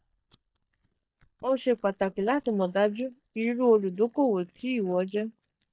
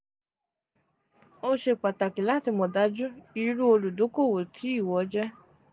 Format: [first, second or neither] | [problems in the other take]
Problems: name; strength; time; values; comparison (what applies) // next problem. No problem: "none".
second | noise reduction (neural mask model DeepFilterNet 3)